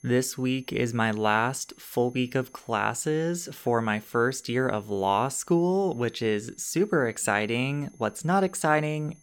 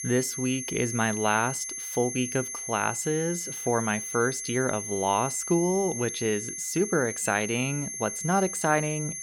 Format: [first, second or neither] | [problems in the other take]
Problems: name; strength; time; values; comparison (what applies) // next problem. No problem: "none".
first | high-pitched whine; loud; throughout; 6.5 kHz, 5 dB below the speech; faint in the first